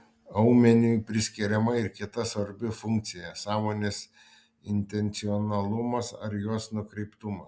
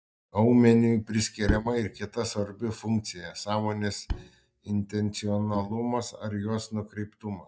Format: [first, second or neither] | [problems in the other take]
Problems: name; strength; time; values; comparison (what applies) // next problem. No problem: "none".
first | noise reduction (neural mask model DeepFilterNet 3)